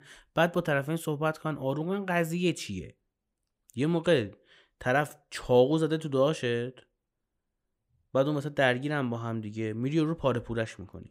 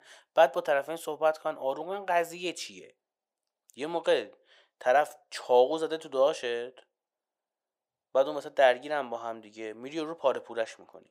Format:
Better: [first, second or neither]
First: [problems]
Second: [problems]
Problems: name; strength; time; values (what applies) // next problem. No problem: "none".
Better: first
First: none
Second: thin; very; fading below 500 Hz